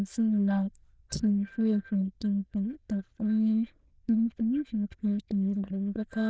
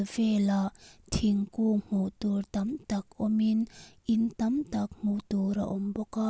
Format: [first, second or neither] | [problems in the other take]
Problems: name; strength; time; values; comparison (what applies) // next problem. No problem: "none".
second | noise reduction (neural diffusion model UNIVERSE++)